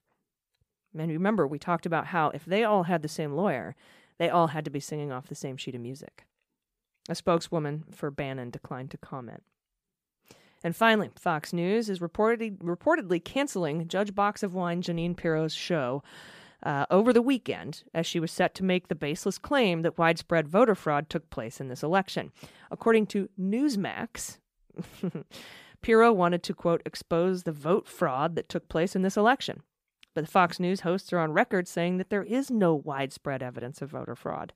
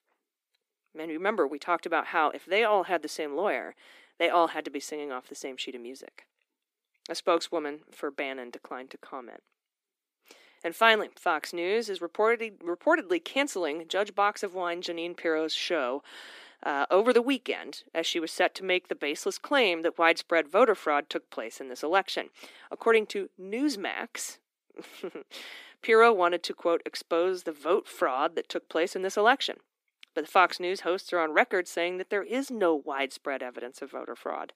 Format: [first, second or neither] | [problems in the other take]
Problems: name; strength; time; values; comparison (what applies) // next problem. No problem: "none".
first | thin; somewhat; fading below 250 Hz